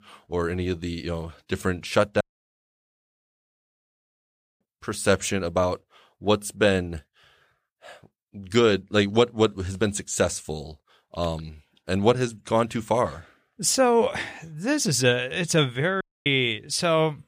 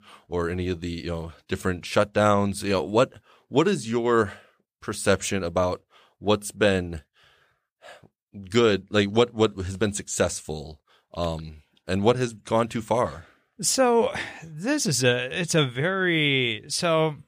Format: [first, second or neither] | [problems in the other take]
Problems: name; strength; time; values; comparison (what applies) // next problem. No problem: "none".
second | audio cutting out; at 2 s for 2.5 s and at 16 s